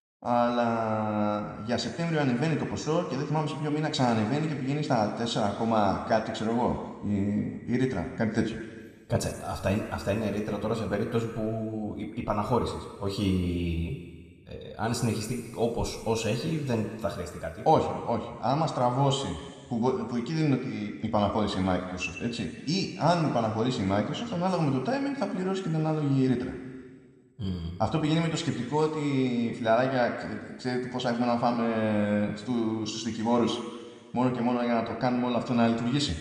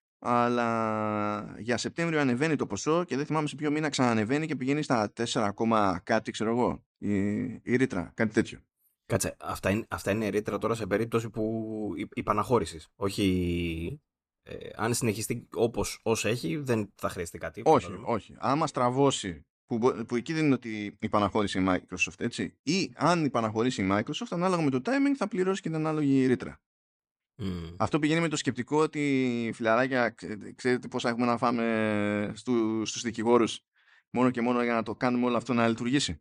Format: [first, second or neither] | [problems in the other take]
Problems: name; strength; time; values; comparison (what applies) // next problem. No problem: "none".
second | room echo; noticeable; dies away in 1.8 s